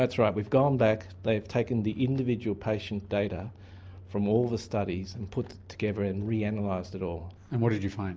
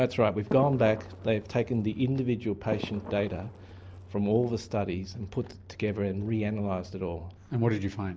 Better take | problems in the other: first | background sound (Fireworks); 14 dB below the speech

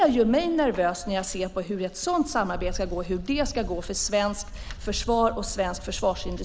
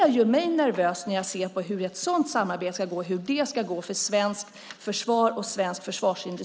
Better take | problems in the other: second | background sound (Wind / Bird); 10 dB below the speech

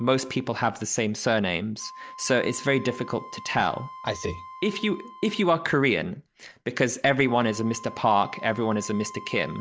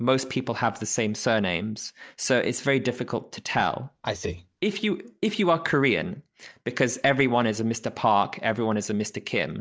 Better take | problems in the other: second | background sound (Wind instrument, woodwind instrument); 18 dB below the speech

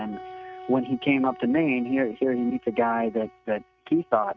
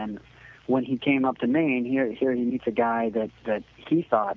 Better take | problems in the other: second | noise reduction (neural mask model RNNoise)

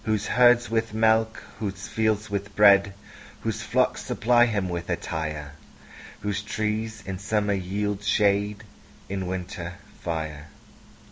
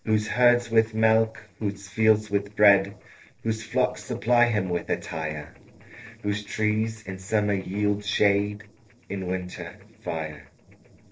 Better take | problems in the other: first | noise reduction (neural separator model SepFormer DNS4)

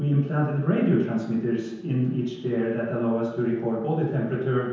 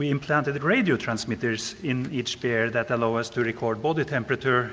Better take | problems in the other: second | room echo; dies away in 0.9 s

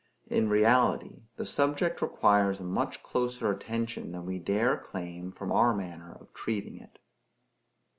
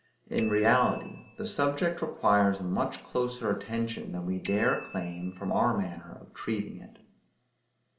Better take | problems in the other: first | background sound (Bicycle bell); 20 dB below the speech // room echo; dies away in 0.8 s

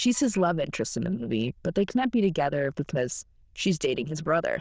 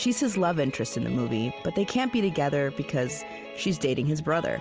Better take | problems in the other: second | noise reduction (neural diffusion model UNIVERSE++)

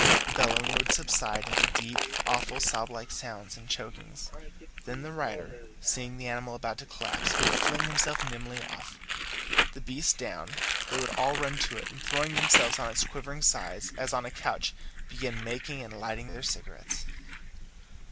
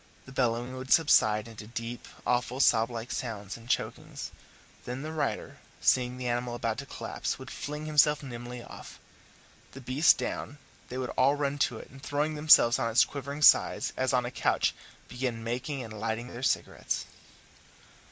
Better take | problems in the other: second | background sound (Crumpling, crinkling); 2 dB above the speech

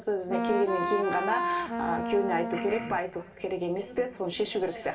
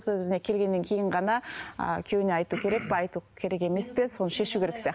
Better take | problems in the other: second | background sound (Wind instrument, woodwind instrument); 1 dB below the speech // room echo; dies away in 2.4 s

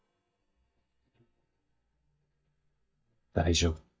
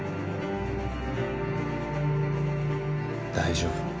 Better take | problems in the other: second | noise reduction (neural mask model DeepFilterNet 3)

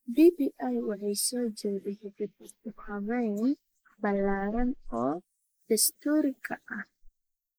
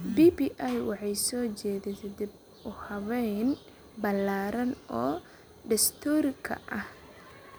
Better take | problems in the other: second | noise reduction (neural mask model Resemble Enhance denoiser)

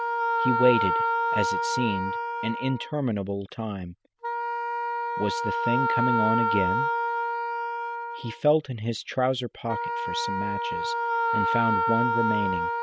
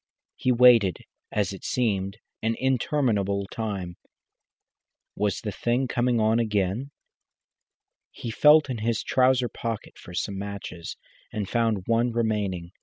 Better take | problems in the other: second | background sound (Wind instrument, woodwind instrument); 2 dB above the speech

